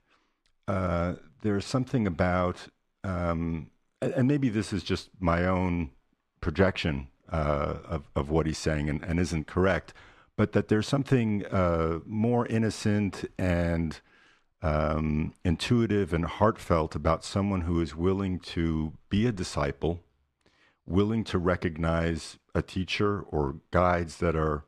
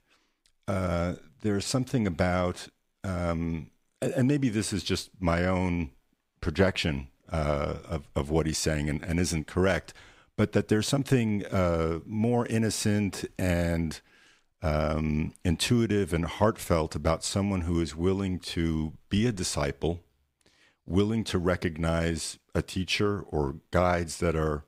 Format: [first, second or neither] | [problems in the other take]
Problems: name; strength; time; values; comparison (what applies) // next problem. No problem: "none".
second | muffled; very slightly; fading above 1.5 kHz